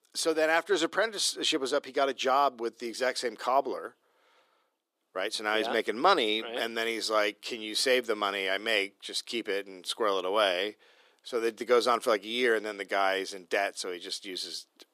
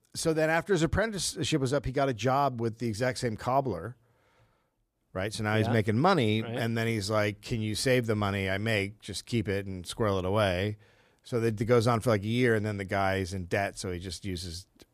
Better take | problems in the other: second | thin; very; fading below 300 Hz

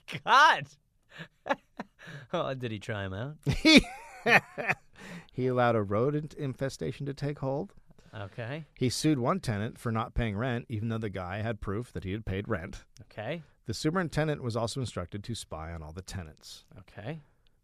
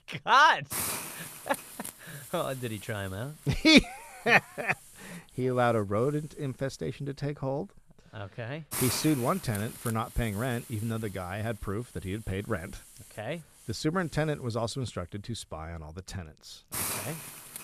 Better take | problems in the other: first | hiss; loud; throughout; 9 dB below the speech

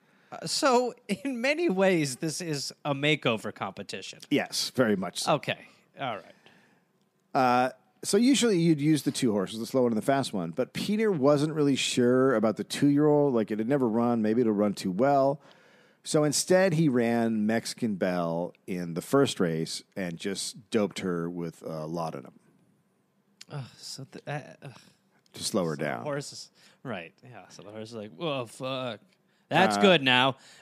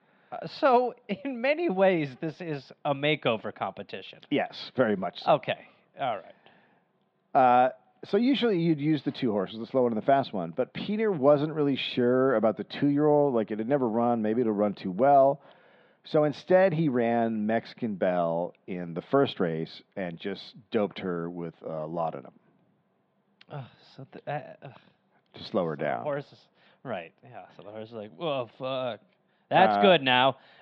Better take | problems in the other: first | muffled; very; fading above 3.5 kHz

